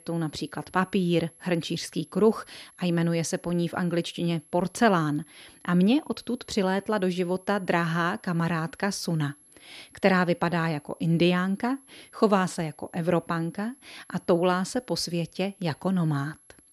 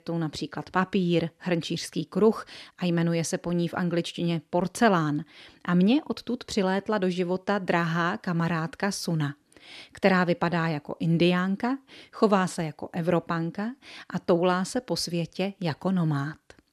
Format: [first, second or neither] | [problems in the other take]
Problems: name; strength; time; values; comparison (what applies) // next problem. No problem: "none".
second | high-pitched whine; faint; throughout; 11 kHz, 25 dB below the speech